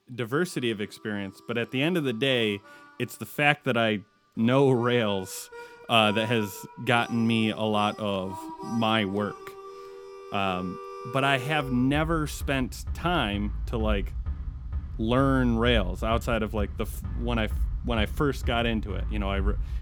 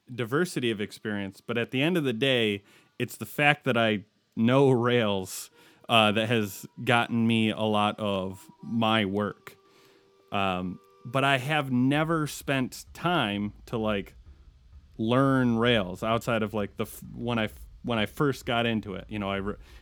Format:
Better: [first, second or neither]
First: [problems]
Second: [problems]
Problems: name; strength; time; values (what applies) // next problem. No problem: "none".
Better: second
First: background music; loud; throughout; 10 dB below the speech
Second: background music; faint; throughout; 30 dB below the speech